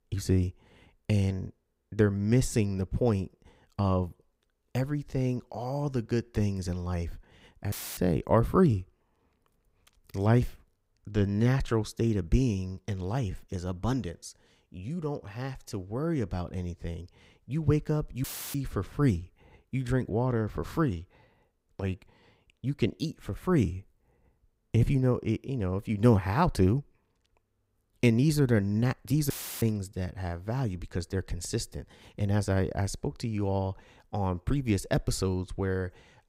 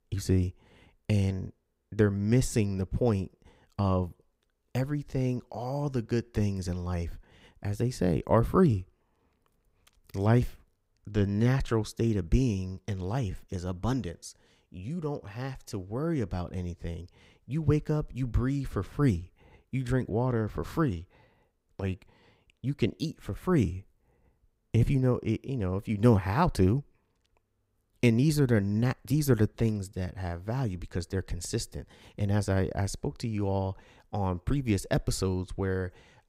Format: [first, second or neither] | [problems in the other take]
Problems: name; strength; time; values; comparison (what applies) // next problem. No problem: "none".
second | audio cutting out; filled with static; at 7.5 s, at 18 s and at 29 s